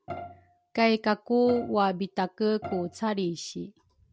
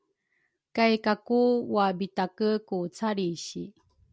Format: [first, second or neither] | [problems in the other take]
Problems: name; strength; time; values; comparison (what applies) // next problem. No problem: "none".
second | background sound (Bowed string instrument); 15 dB below the speech